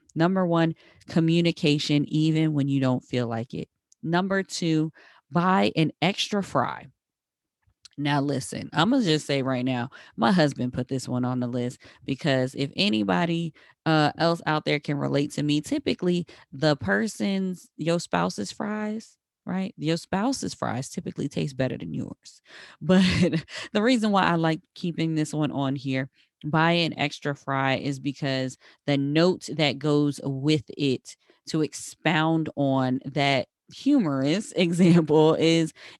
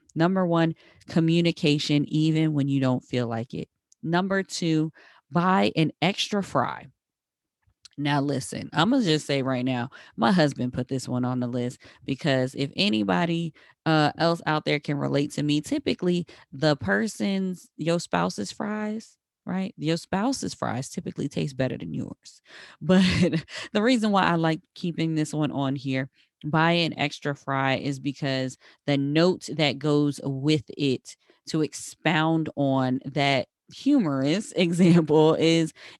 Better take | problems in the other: neither | none

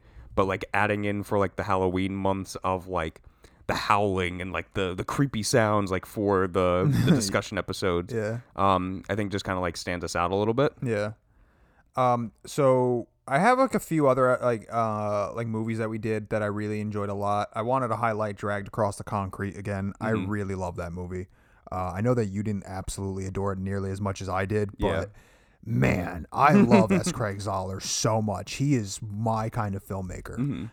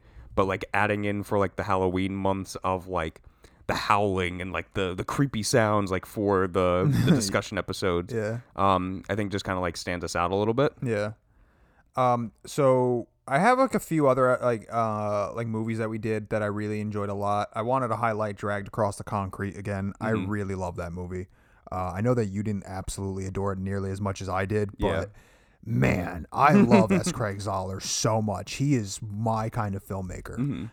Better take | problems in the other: neither | none

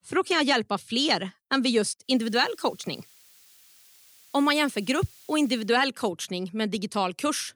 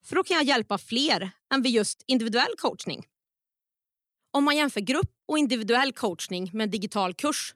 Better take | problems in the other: second | hiss; faint; from 2 to 5.5 s; 25 dB below the speech

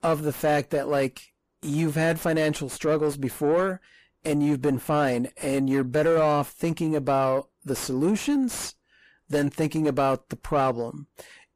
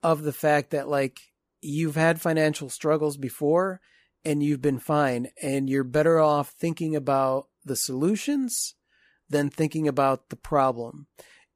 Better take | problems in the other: second | distortion; slight; 9 dB below the speech

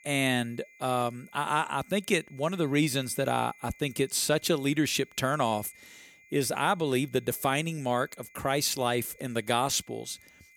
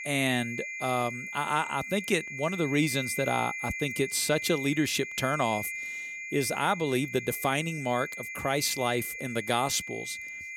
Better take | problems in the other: first | high-pitched whine; loud; throughout; 2 kHz, 7 dB below the speech; faint in the first

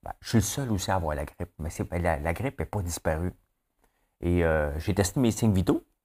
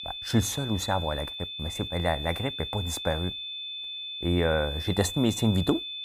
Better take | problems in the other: first | high-pitched whine; loud; throughout; 3.5 kHz, 6 dB below the speech

